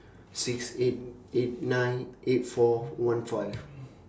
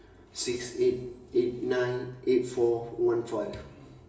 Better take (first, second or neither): first